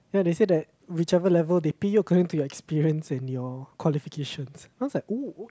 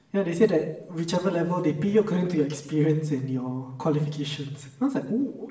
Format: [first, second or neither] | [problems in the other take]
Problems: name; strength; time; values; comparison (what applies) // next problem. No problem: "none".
first | room echo; dies away in 0.8 s